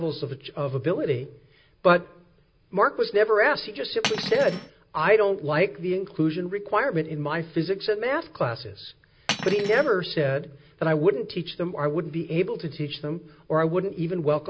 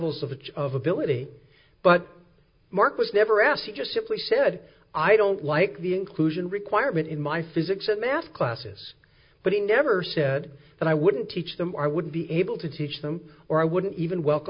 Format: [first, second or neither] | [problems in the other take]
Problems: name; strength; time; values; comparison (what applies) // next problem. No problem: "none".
second | background sound (Cutlery, silverware); 6 dB below the speech